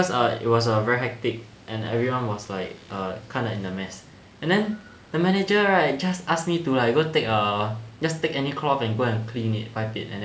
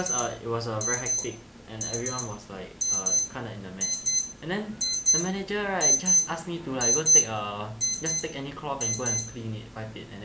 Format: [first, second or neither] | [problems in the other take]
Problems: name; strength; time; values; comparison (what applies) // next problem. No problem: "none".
first | background sound (Alarm); 5 dB above the speech